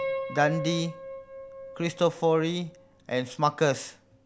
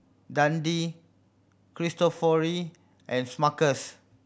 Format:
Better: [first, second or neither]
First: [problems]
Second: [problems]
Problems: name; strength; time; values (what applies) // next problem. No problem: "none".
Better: second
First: background sound (Piano); 10 dB below the speech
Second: none